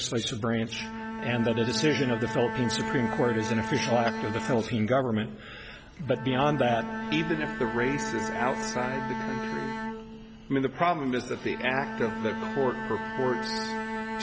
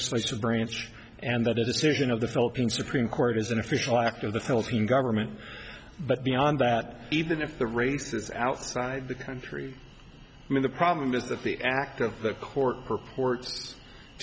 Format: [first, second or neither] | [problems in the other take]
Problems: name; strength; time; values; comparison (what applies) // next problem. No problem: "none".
second | background sound (Bowed string instrument); 6 dB below the speech